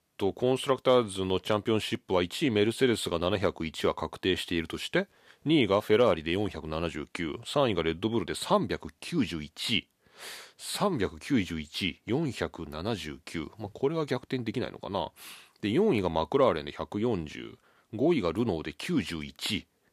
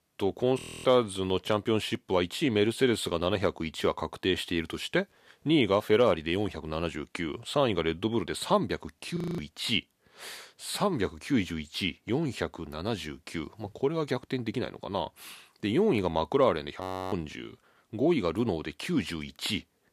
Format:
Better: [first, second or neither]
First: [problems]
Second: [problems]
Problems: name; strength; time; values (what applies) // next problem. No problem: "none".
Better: first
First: none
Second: audio freezing; at 0.5 s, at 9 s and at 17 s